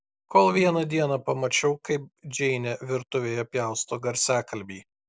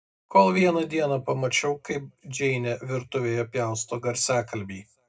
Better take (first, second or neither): first